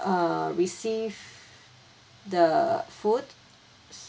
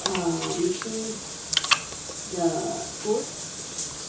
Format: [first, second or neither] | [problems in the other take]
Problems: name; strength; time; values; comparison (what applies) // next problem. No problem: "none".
first | background sound (Bathtub (filling or washing) / Water); as loud as the speech // room echo; dies away in 0.6 s